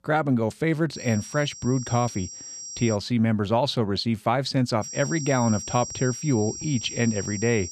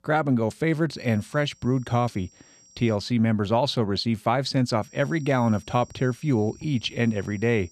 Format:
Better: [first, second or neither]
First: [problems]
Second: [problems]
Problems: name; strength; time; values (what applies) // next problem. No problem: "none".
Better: second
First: high-pitched whine; loud; from 1 to 3 s and from 5 s on; 5.5 kHz, 10 dB below the speech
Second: high-pitched whine; faint; from 1 to 3 s and from 5 s on; 5.5 kHz, 25 dB below the speech